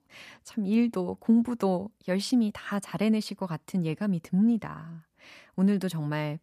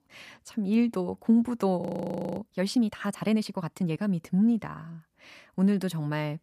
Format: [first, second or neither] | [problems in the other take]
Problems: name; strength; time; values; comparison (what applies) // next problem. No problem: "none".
first | audio freezing; at 2 s for 0.5 s